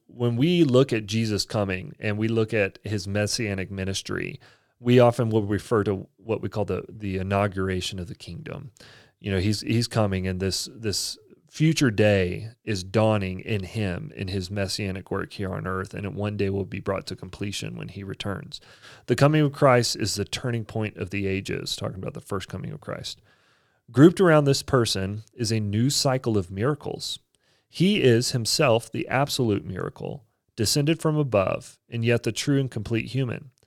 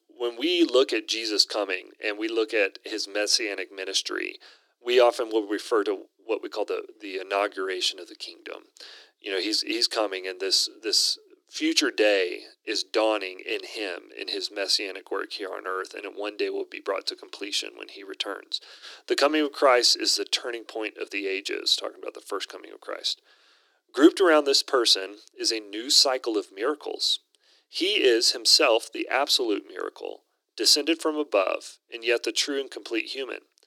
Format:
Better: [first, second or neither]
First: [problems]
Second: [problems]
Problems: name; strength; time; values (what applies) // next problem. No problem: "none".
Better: first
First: none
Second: thin; very; fading below 300 Hz